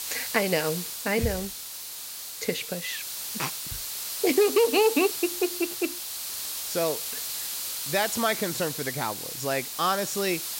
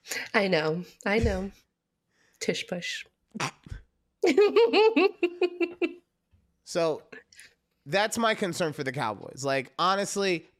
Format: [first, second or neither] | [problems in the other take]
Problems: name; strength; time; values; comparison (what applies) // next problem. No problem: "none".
second | hiss; loud; throughout; 4 dB below the speech